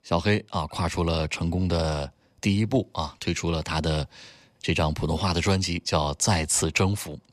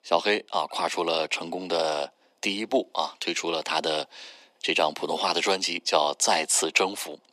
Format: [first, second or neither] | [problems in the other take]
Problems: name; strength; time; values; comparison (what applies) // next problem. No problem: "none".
first | thin; very; fading below 300 Hz